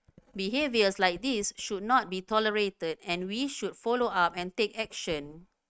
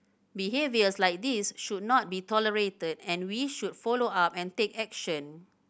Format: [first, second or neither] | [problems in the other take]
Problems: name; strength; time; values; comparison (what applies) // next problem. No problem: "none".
second | noise reduction (neural mask model RNNoise)